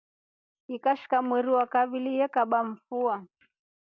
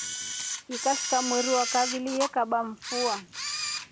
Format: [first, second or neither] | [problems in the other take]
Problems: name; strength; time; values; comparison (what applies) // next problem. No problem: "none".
first | background sound (Camera); 4 dB below the speech